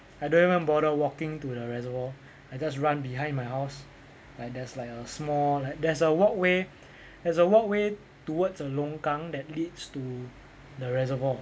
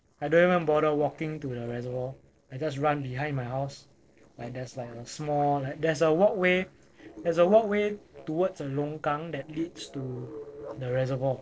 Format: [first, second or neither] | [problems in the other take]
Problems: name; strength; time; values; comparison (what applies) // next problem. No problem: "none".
first | noise reduction (neural separator model SepFormer DNS4)